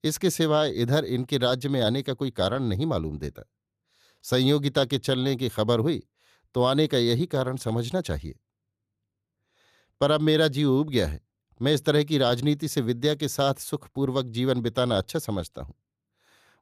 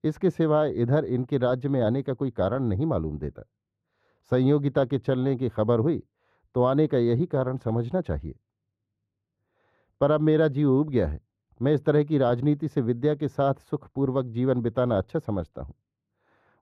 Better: first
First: none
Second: muffled; very; fading above 3 kHz

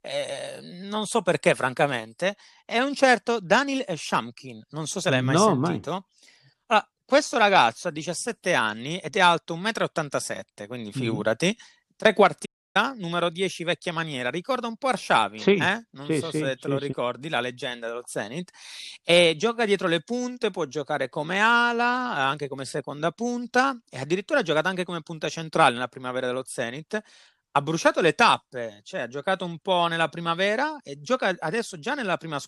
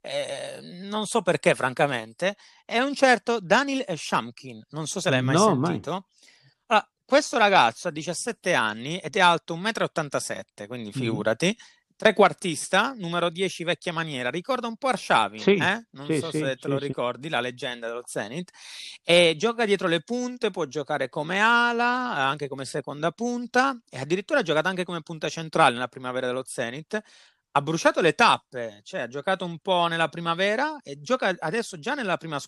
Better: second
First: audio cutting out; at 12 s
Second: none

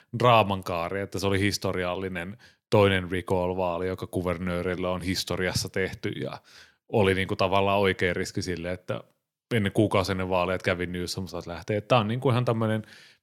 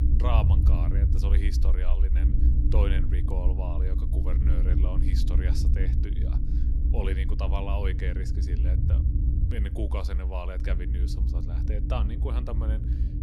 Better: first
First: none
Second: low rumble; loud; throughout; 4 dB below the speech

